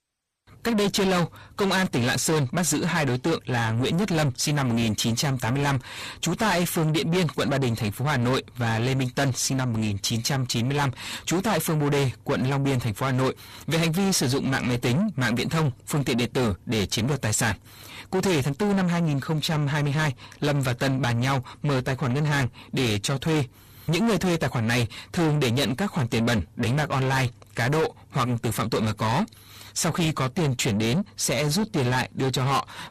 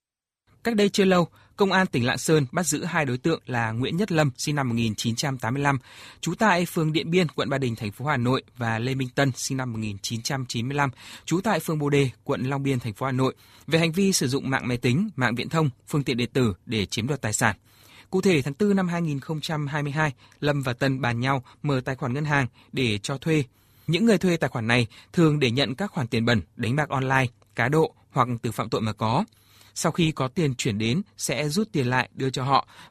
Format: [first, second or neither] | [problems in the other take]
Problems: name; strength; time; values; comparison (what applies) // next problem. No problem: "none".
second | distortion; heavy; 6 dB below the speech